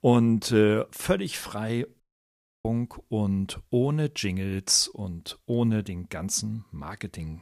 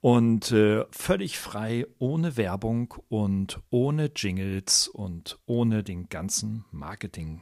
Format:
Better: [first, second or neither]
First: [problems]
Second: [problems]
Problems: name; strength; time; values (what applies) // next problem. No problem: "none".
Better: second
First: audio cutting out; at 2 s for 0.5 s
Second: none